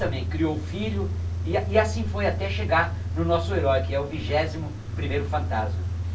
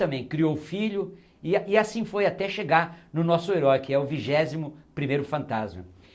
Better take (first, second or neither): second